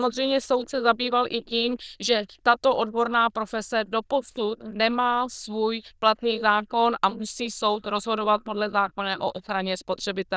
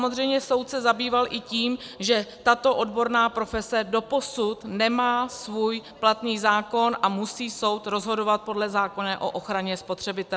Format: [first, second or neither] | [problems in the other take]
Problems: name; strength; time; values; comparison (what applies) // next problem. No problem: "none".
second | noise reduction (neural diffusion model UNIVERSE++)